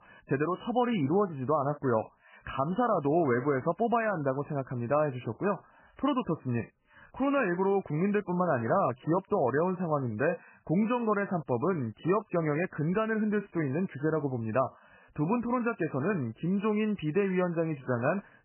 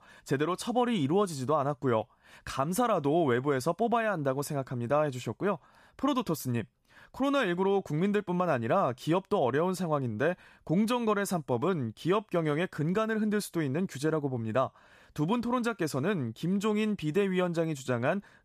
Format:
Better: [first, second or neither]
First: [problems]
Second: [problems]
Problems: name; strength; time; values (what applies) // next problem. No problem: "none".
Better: second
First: garbled, watery; badly; nothing above 3 kHz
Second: none